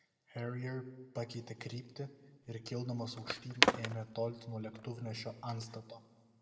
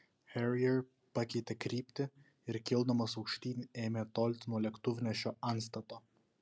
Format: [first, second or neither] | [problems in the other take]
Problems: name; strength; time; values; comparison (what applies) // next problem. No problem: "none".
second | background sound (Skateboard); 4 dB above the speech // room echo; dies away in 1.2 s